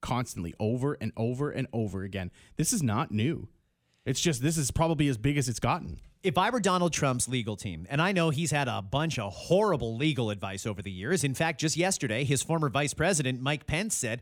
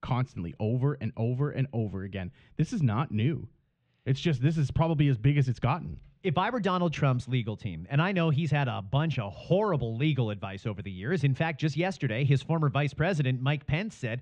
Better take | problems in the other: first | muffled; slightly; fading above 3.5 kHz

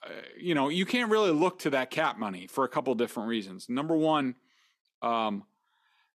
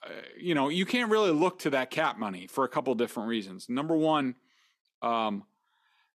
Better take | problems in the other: neither | none

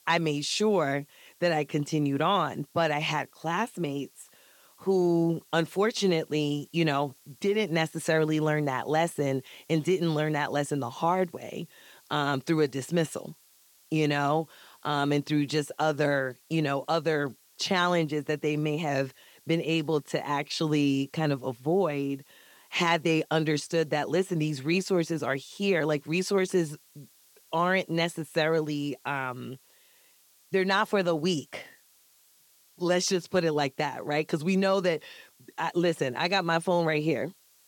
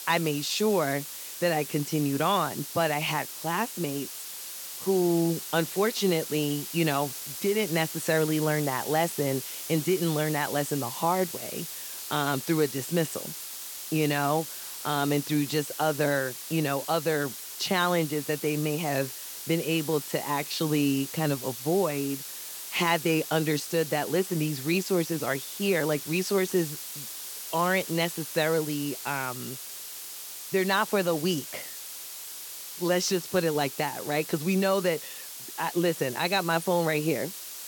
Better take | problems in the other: first | hiss; loud; throughout; 8 dB below the speech; faint in the first

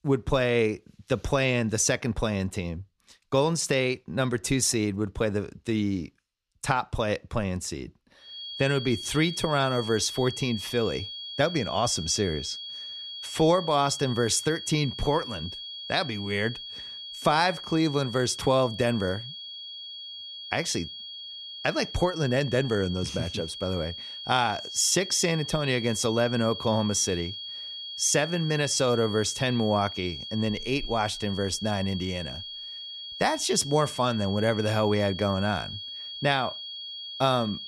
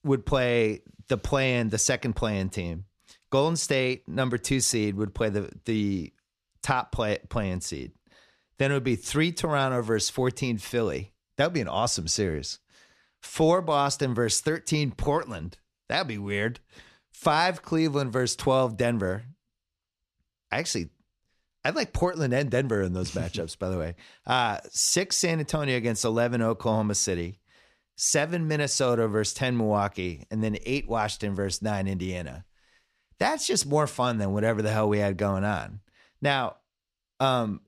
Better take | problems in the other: second | high-pitched whine; loud; from 8.5 s on; 3.5 kHz, 9 dB below the speech

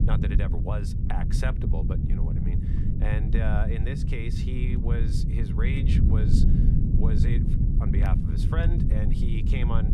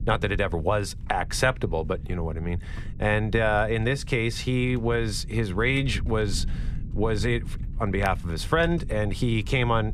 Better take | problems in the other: second | low rumble; loud; throughout; as loud as the speech; faint in the second

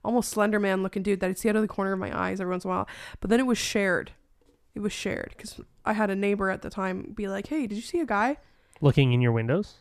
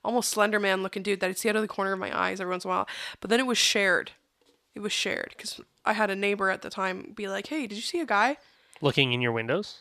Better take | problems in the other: first | thin; somewhat; fading below 1 kHz

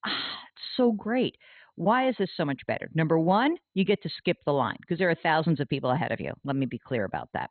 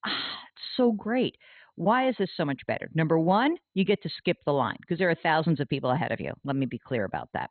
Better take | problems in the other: neither | garbled, watery; badly; nothing above 4 kHz; the same in both

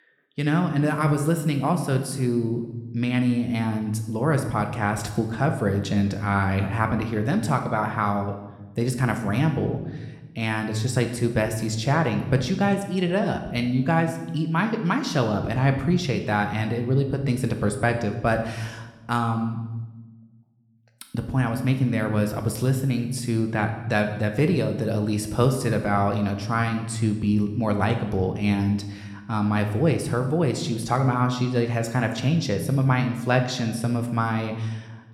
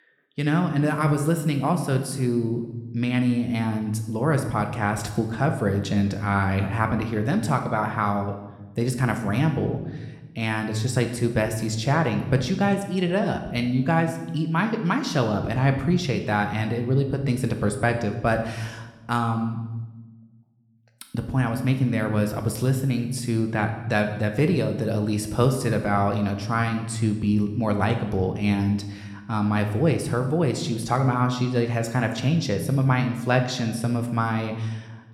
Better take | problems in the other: neither | room echo; slight; dies away in 0.9 s; the same in both

